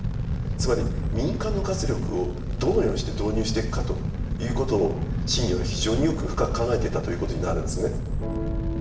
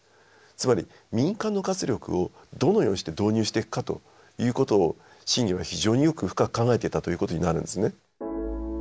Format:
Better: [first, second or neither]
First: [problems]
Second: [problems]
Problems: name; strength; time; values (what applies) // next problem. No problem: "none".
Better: second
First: background sound (Fire); as loud as the speech // room echo; dies away in 0.8 s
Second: none